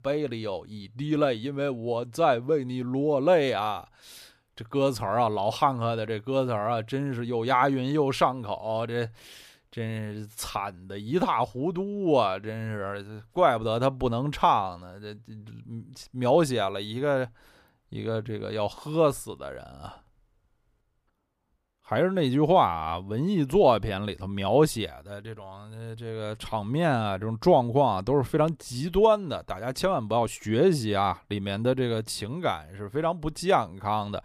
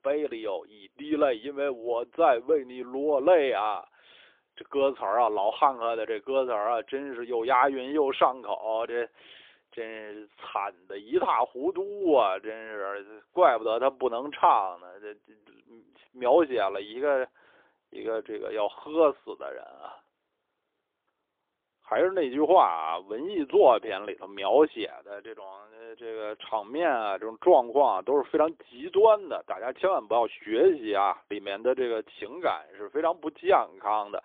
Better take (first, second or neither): first